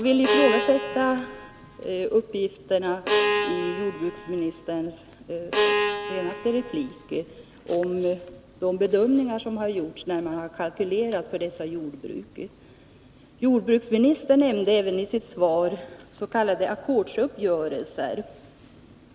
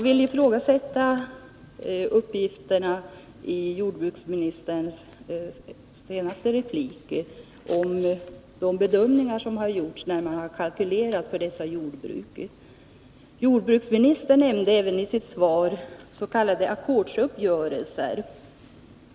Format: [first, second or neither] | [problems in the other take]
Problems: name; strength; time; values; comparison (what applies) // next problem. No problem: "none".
second | background sound (Bowed string instrument); 2 dB below the speech